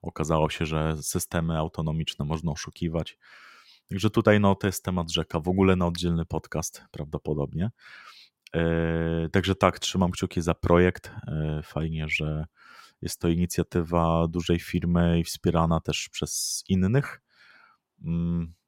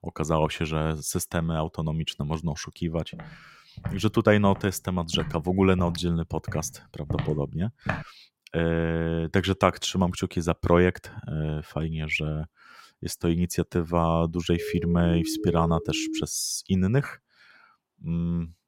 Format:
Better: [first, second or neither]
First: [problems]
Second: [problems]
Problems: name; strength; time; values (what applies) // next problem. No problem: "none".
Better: first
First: none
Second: footsteps; noticeable; from 3 to 8 s; peak 6 dB below the speech // siren; noticeable; from 15 to 16 s; peak 5 dB below the speech